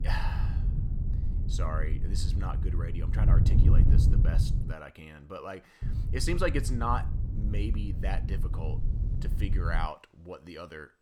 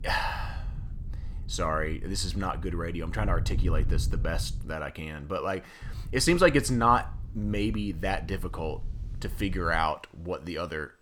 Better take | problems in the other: second | wind noise on the microphone; heavy; until 4.5 s and from 6 to 10 s; 7 dB below the speech; occasional gusts in the second

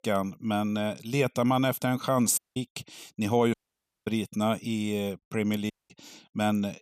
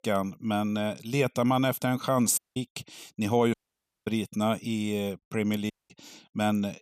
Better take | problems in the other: neither | audio cutting out; at 2.5 s, at 3.5 s for 0.5 s and at 5.5 s; the same in both

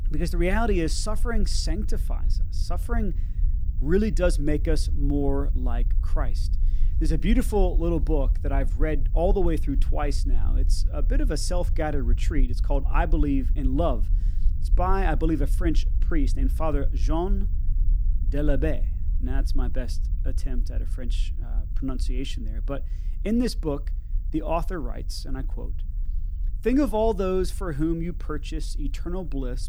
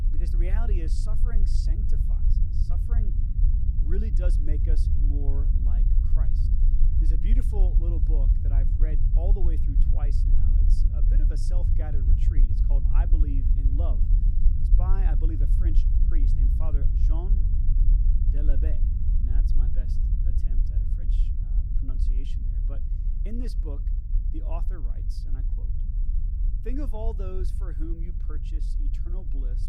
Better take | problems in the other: first | low rumble; loud; throughout; 2 dB below the speech; faint in the first

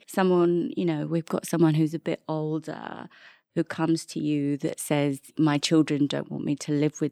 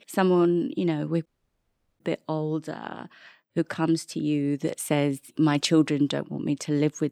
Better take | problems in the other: first | audio cutting out; at 1.5 s for 0.5 s

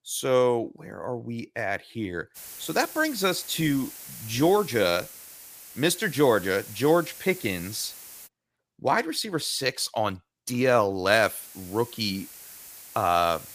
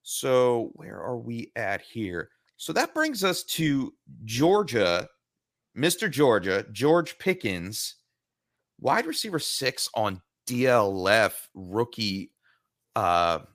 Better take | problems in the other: second | hiss; noticeable; from 2.5 to 8.5 s and from 11 s on; 15 dB below the speech

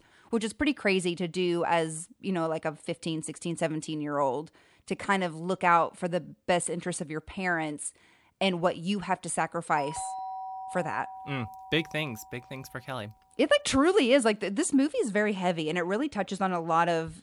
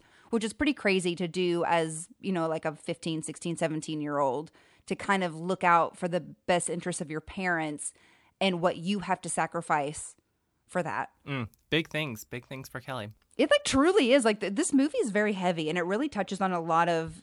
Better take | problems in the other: second | doorbell; noticeable; from 10 to 12 s; peak 8 dB below the speech

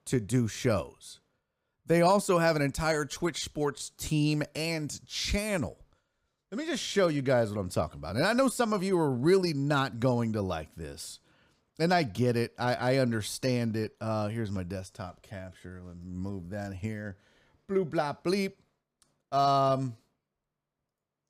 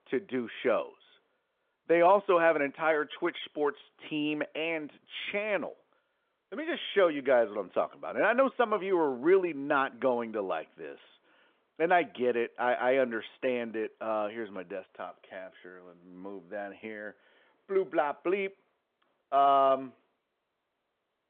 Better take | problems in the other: first | phone-call audio; nothing above 3.5 kHz

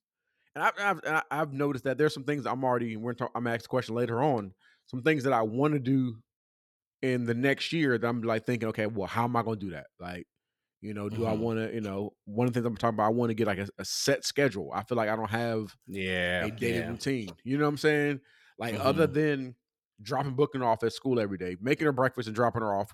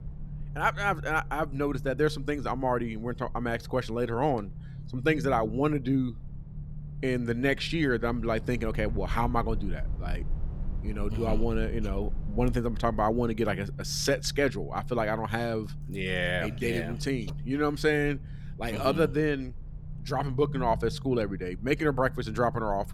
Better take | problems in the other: first | low rumble; faint; throughout; 20 dB below the speech

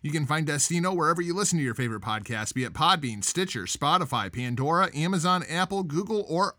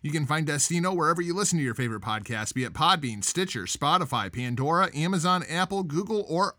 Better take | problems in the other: neither | none

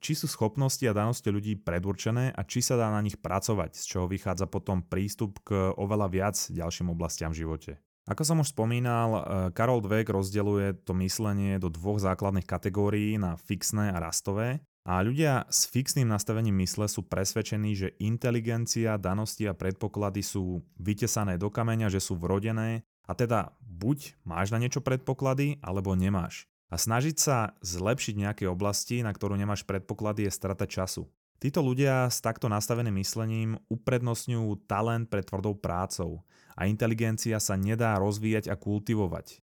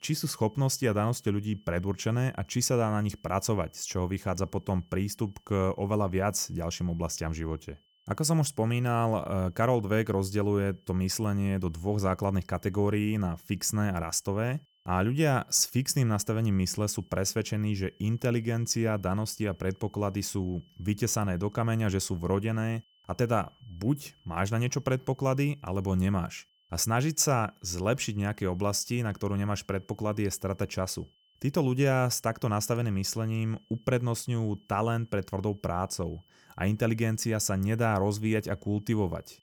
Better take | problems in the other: first | high-pitched whine; faint; throughout; 3 kHz, 35 dB below the speech

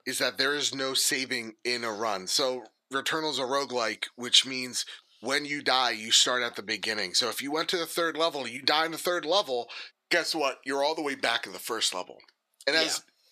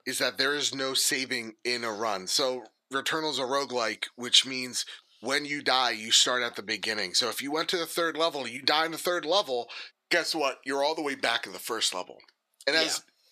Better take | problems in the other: neither | thin; somewhat; fading below 500 Hz; the same in both

